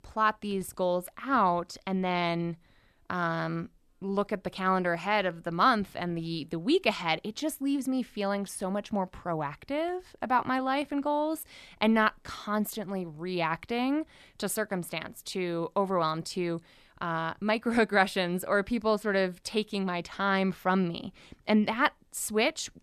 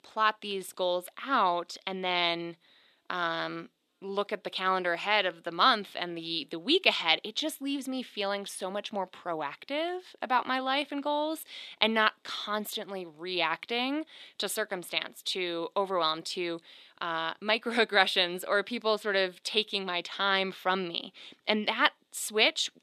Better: first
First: none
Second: thin; very slightly; fading below 350 Hz

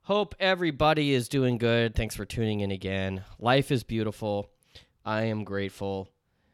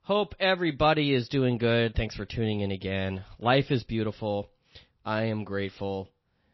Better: first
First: none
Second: garbled, watery; slightly; nothing above 5.5 kHz

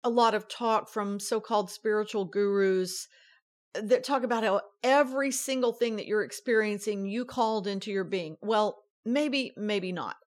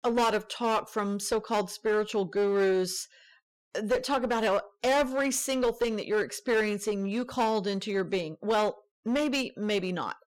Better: first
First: none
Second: distortion; slight; 10% of the sound clipped

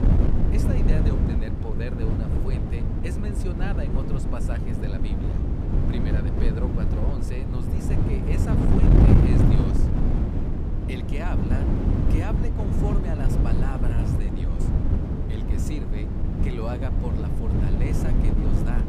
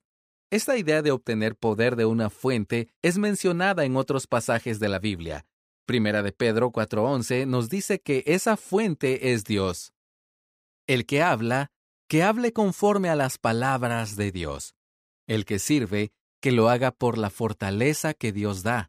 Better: second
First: wind noise on the microphone; heavy; 4 dB above the speech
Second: none

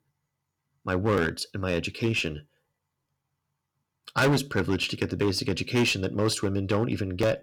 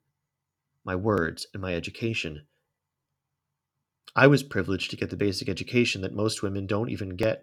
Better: second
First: distortion; heavy; 6% of the sound clipped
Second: none

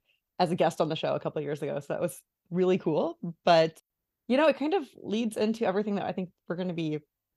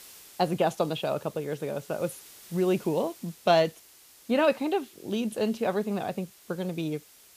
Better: first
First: none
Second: hiss; faint; throughout; 20 dB below the speech

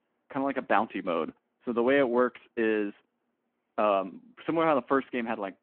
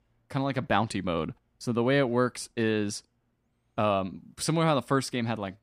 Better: second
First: phone-call audio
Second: none

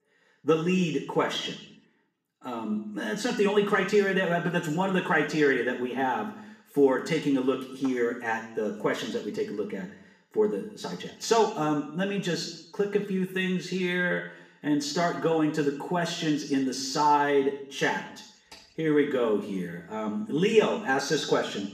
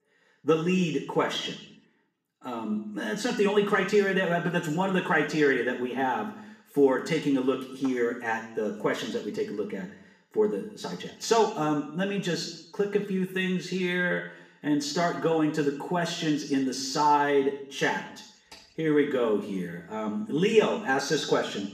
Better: neither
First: room echo; noticeable; dies away in 0.7 s // off-mic speech; far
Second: room echo; noticeable; dies away in 0.7 s // off-mic speech; far

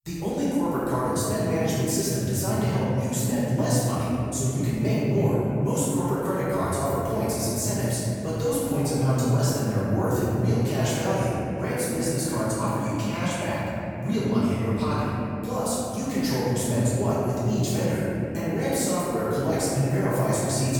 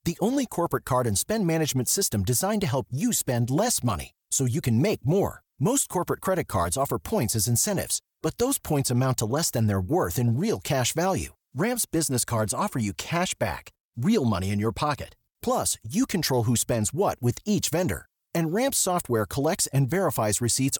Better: second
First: room echo; strong; dies away in 3 s // off-mic speech; far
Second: none

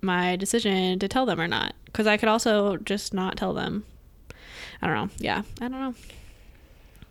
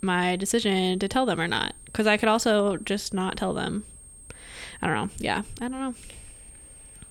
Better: first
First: none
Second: high-pitched whine; faint; throughout; 8.5 kHz, 20 dB below the speech

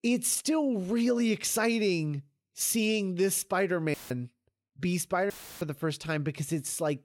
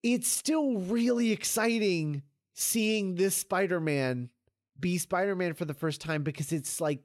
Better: second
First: audio cutting out; filled with static; at 4 s and at 5.5 s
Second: none

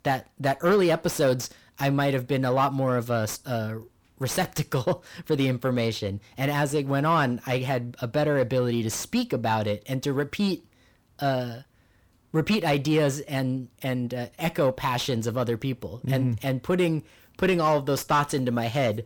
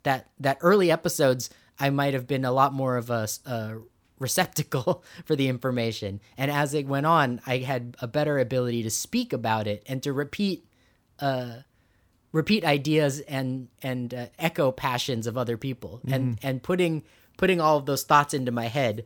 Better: second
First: distortion; slight; 10 dB below the speech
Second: none

